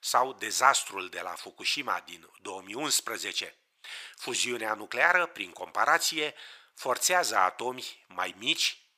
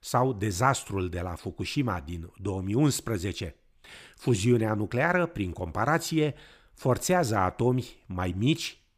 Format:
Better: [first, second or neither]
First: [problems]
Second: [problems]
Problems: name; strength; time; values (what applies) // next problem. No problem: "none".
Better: second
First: thin; very; fading below 850 Hz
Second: none